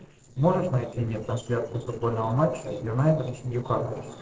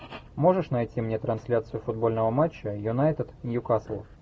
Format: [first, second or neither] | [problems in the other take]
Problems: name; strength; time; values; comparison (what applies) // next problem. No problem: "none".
second | noise reduction (neural separator model SepFormer DNS4)